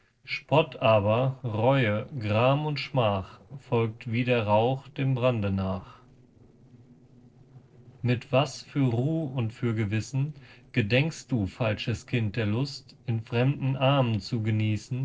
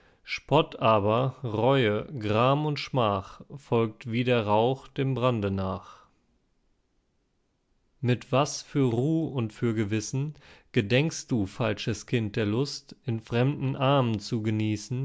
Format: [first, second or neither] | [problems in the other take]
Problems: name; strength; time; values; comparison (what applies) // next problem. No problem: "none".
second | noise reduction (neural separator model SepFormer DNS4)